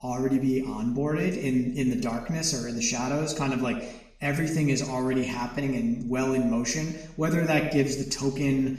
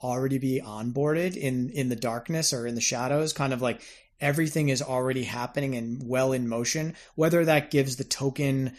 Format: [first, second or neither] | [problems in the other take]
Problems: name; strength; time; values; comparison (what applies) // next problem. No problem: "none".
second | room echo; noticeable; dies away in 0.8 s // off-mic speech; far